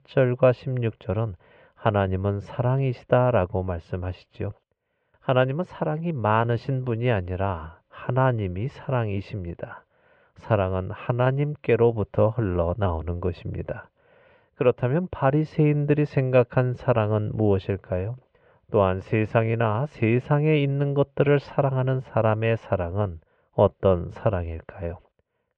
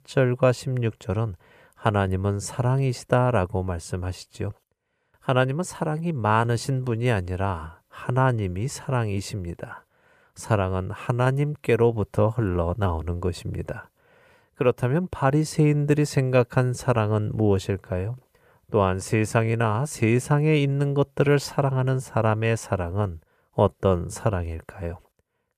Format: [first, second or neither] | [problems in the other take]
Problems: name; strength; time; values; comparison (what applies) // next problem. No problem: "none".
second | muffled; very; fading above 3 kHz